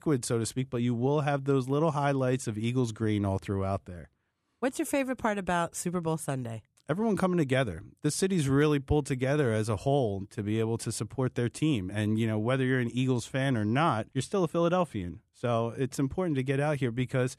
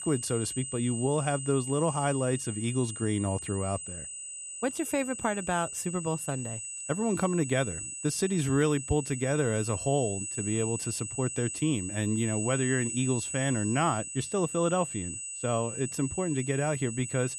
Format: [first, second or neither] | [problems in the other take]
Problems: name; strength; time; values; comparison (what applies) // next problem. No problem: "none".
first | high-pitched whine; loud; throughout; 8 kHz, 6 dB below the speech